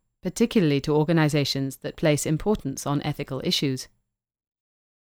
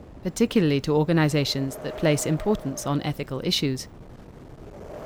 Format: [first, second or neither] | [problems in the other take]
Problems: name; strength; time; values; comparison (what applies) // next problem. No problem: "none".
first | wind noise on the microphone; occasional gusts; 15 dB below the speech